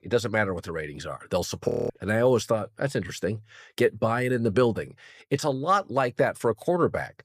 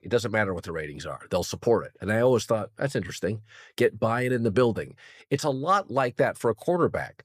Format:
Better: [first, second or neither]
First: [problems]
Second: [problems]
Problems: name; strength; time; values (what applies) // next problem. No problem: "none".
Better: second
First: audio freezing; at 1.5 s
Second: none